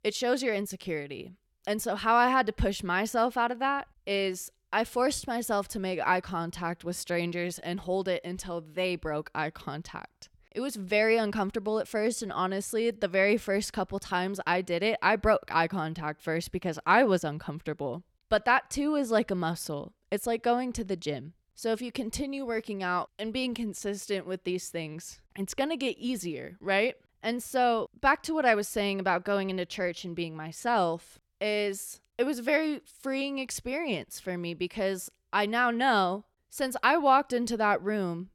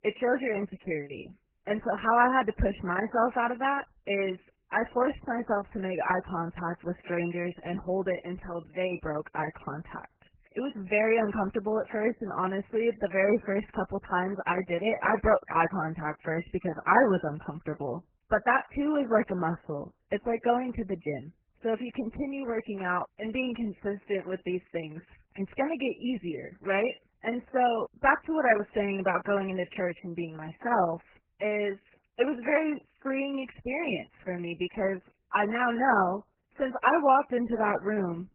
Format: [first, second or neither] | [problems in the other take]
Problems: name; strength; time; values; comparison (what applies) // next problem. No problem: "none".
first | garbled, watery; badly; nothing above 3 kHz